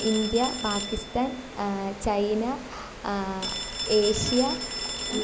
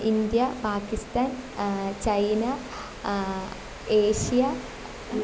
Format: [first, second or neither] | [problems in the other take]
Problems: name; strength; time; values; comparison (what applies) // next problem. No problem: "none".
second | background sound (Telephone); 7 dB below the speech